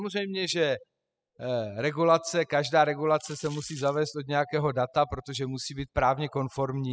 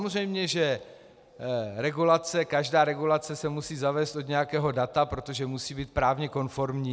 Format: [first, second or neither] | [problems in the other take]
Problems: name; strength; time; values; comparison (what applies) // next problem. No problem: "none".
second | noise reduction (classical method spectral subtraction)